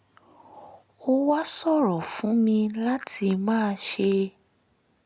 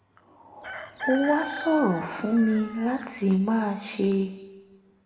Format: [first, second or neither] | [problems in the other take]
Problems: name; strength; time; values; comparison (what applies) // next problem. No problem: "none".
first | background sound (Chicken, rooster); 10 dB below the speech // room echo; dies away in 0.9 s